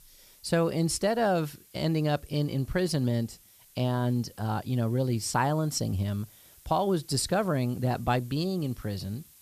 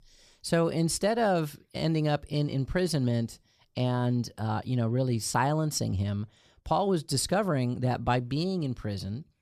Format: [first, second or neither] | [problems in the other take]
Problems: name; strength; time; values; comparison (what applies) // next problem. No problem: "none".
second | hiss; faint; throughout; 25 dB below the speech